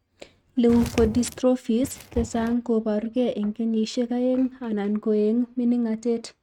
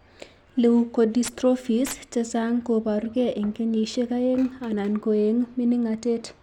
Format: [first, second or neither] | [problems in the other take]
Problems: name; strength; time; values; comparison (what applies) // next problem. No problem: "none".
second | noise reduction (neural mask model RNNoise)